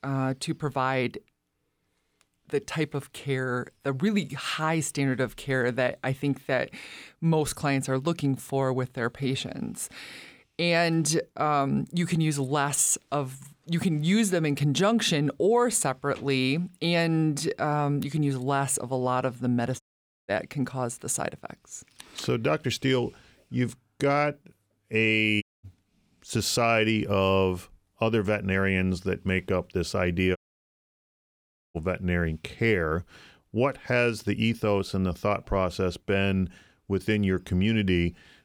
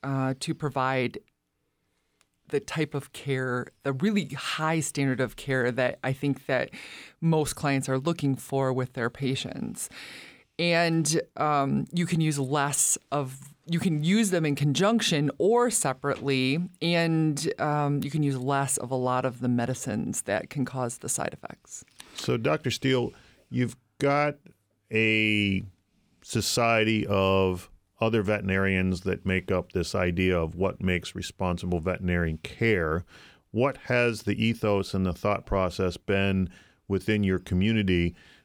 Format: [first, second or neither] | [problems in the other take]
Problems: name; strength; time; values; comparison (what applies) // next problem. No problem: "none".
second | audio cutting out; at 20 s, at 25 s and at 30 s for 1.5 s